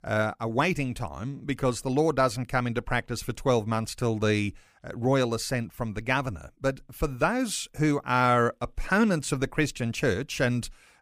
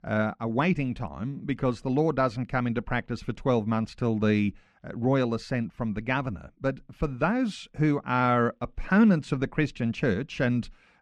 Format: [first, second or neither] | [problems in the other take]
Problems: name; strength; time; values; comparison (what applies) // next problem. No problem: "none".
first | muffled; slightly; fading above 3.5 kHz